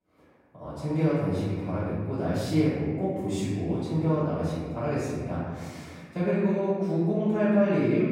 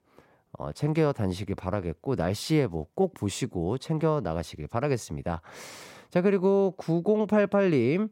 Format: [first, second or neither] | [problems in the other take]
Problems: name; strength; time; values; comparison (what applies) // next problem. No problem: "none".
second | off-mic speech; far // room echo; strong; dies away in 1.8 s